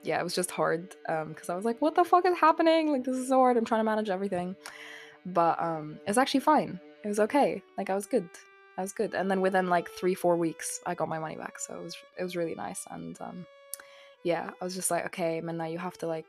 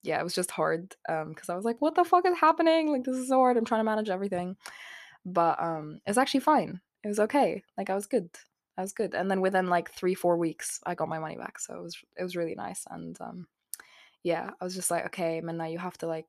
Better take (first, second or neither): second